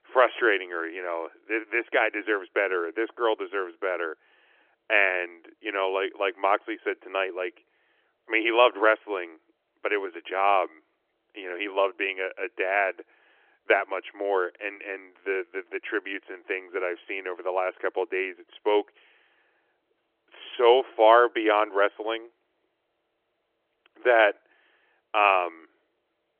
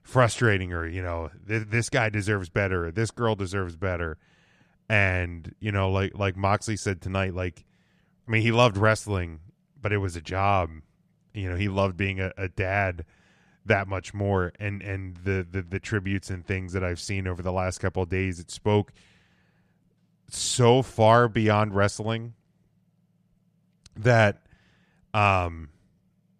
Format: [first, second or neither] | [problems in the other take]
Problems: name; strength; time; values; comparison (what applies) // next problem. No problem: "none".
second | phone-call audio; nothing above 3.5 kHz